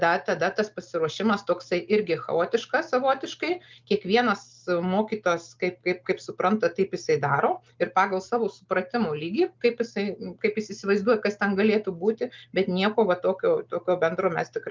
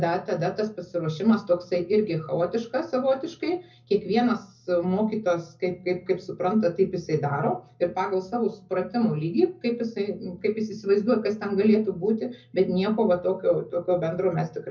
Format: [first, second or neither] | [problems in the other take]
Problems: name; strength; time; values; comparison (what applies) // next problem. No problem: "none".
first | room echo; dies away in 0.4 s